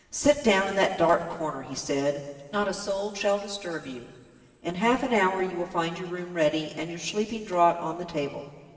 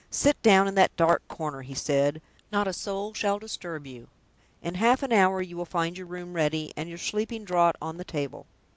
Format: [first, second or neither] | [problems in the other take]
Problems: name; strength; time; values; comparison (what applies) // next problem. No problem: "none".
second | room echo; dies away in 2.1 s